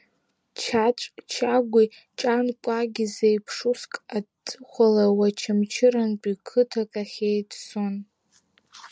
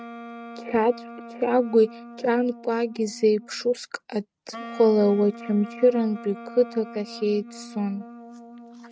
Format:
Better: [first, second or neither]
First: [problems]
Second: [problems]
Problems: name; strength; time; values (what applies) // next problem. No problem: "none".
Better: first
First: none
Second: noise reduction (neural mask model RNNoise)